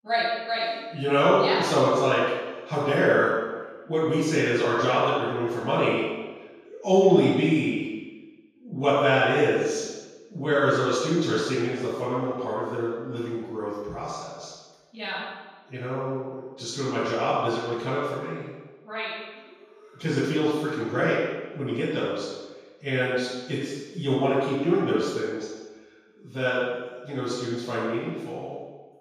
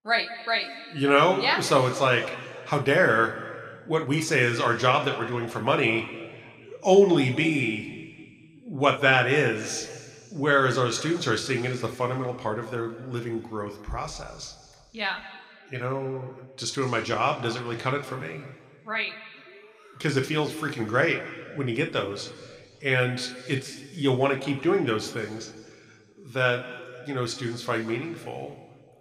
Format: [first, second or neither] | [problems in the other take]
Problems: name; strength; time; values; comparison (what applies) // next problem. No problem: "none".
second | room echo; strong; dies away in 1.2 s; slight in the second // off-mic speech; far